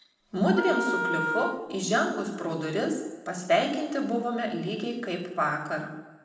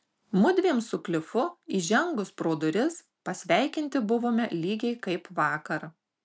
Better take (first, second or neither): second